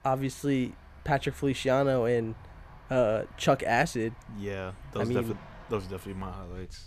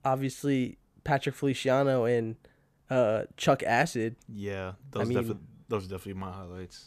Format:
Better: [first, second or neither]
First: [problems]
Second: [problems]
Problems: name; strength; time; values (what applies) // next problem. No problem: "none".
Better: second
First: animal sounds; faint; throughout; 20 dB below the speech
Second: none